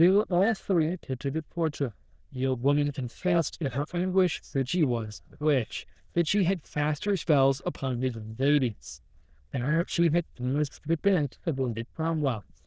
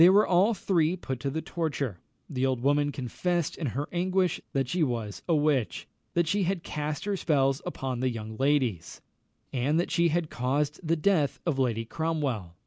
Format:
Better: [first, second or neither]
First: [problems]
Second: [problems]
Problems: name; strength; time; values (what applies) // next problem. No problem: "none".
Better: second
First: noise reduction (neural diffusion model UNIVERSE++)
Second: none